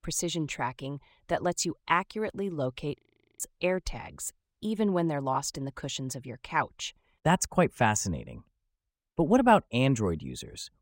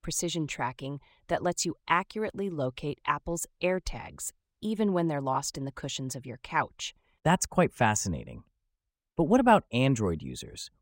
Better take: second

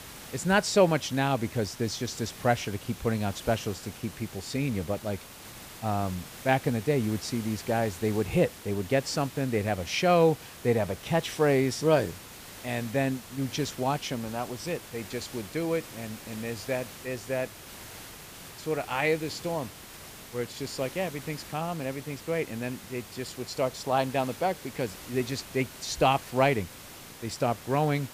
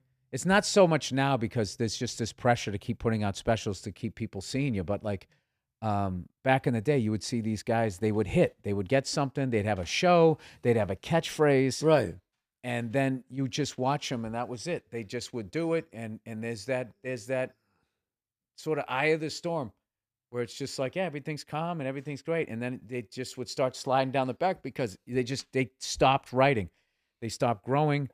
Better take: second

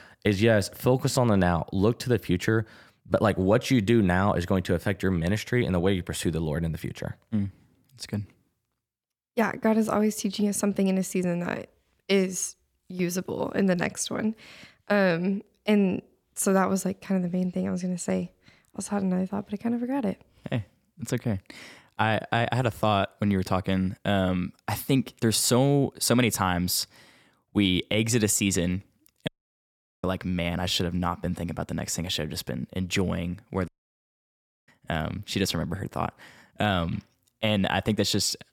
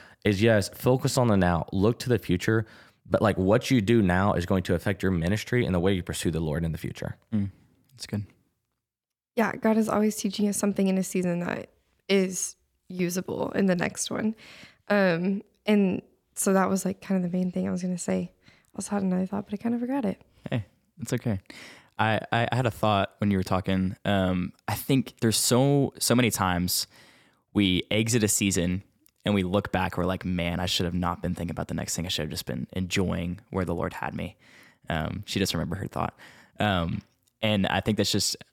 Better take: second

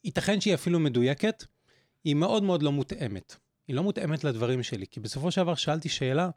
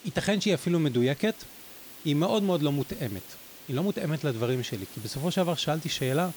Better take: first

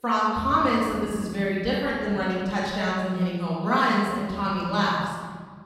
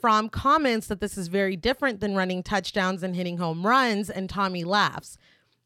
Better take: second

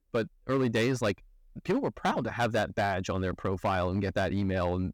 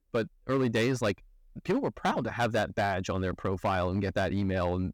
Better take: neither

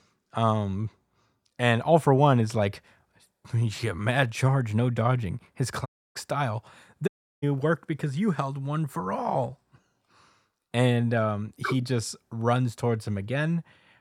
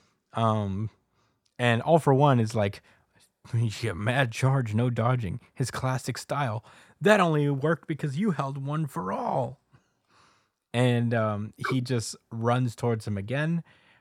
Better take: second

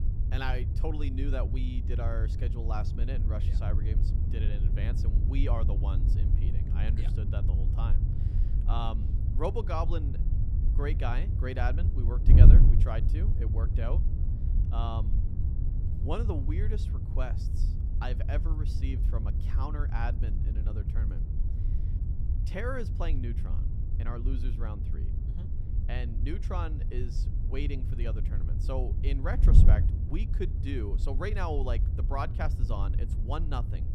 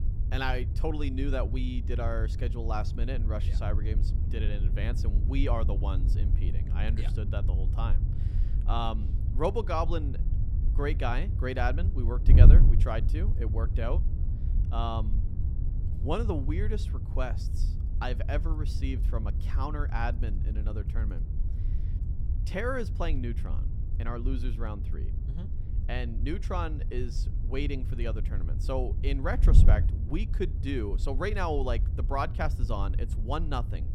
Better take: second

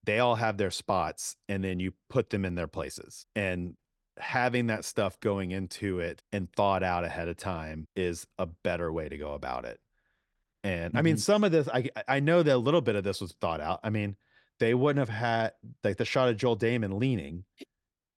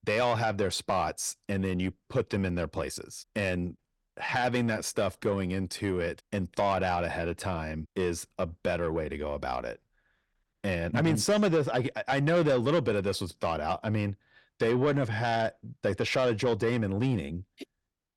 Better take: first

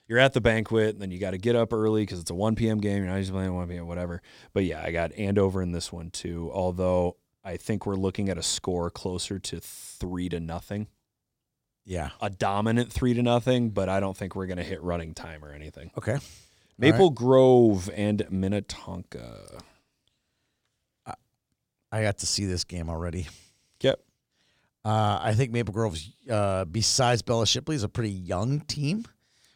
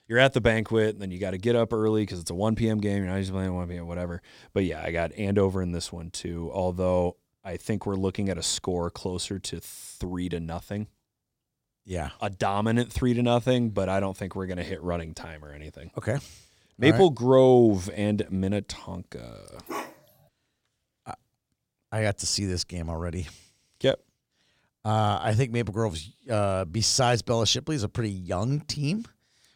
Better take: first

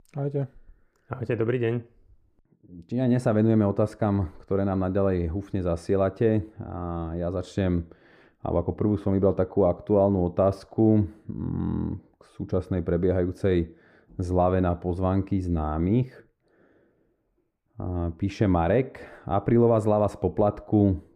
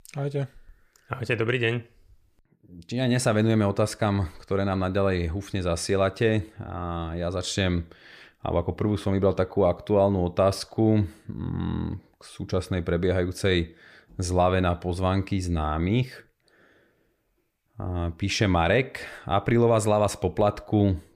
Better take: second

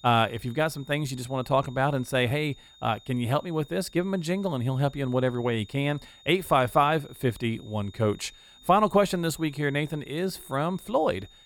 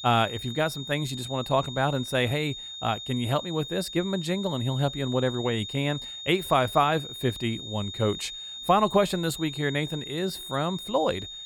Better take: first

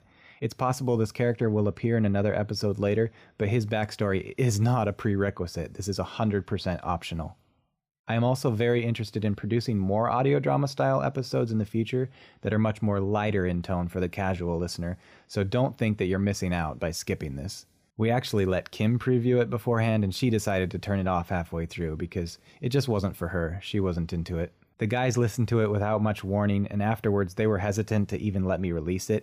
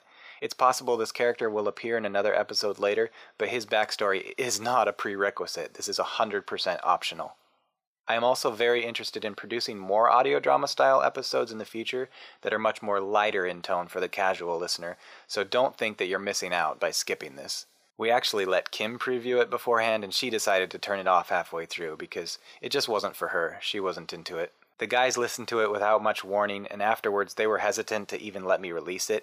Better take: first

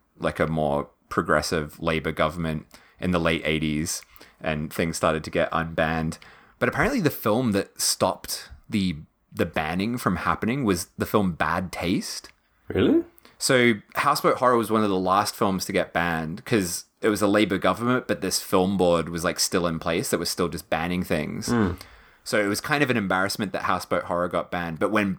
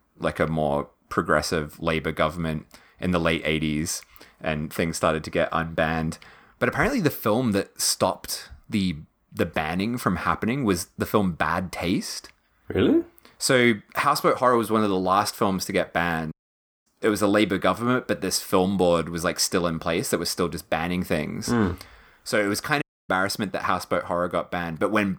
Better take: first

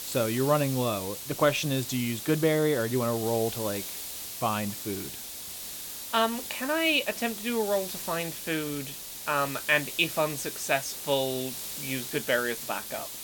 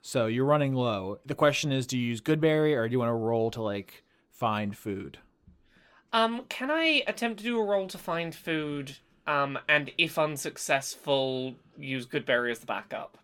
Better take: second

